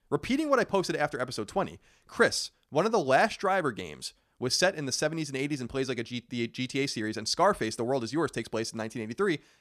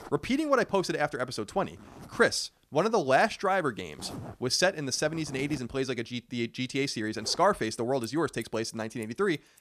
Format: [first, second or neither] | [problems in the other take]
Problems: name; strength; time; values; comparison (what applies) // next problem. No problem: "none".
first | household noises; noticeable; throughout; 20 dB below the speech